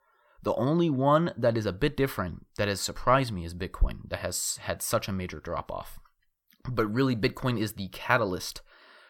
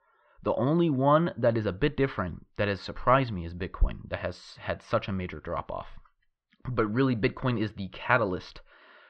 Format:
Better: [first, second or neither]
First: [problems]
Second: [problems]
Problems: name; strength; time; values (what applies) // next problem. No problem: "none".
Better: first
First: none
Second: muffled; slightly; fading above 3.5 kHz